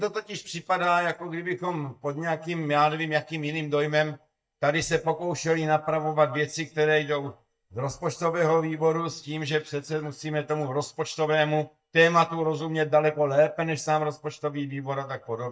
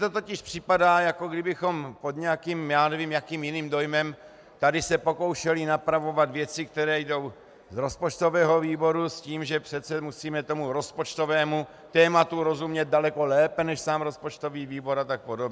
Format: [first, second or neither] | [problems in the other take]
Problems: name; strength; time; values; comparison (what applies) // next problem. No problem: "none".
second | noise reduction (neural mask model DeepFilterNet 3)